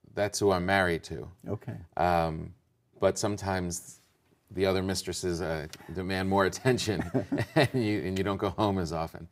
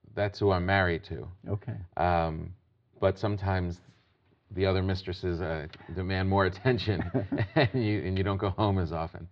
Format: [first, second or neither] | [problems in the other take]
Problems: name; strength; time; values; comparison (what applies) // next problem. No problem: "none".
first | muffled; very slightly; fading above 4 kHz